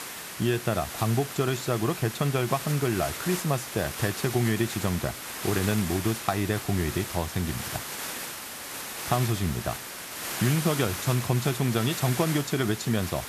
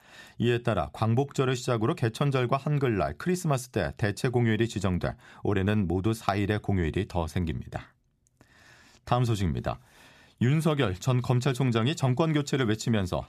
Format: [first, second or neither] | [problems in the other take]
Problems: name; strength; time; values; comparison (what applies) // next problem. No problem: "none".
second | hiss; loud; throughout; 6 dB below the speech